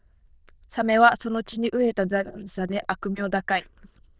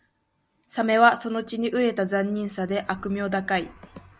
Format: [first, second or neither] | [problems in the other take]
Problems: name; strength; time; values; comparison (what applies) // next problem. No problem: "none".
second | noise reduction (neural diffusion model UNIVERSE++)